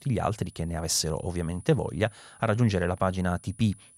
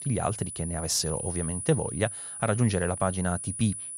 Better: first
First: high-pitched whine; faint; throughout; 9.5 kHz, 25 dB below the speech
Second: high-pitched whine; loud; throughout; 9.5 kHz, 6 dB below the speech

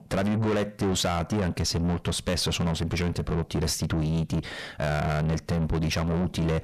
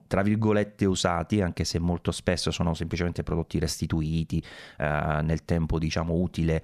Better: second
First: distortion; heavy; 7 dB below the speech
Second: none

